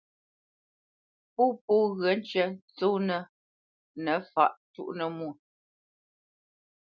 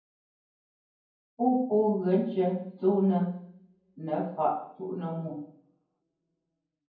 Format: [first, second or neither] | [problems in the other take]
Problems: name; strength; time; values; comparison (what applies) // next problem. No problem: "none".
first | room echo; dies away in 0.9 s